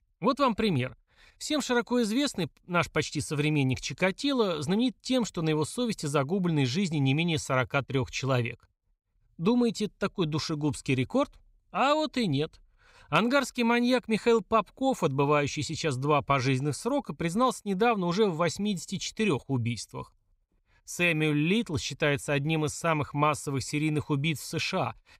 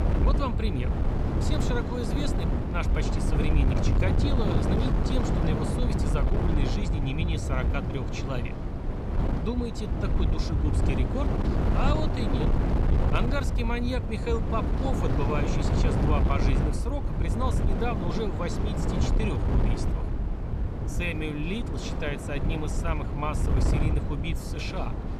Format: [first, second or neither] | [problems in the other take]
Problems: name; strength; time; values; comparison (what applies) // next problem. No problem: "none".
first | wind noise on the microphone; heavy; 1 dB below the speech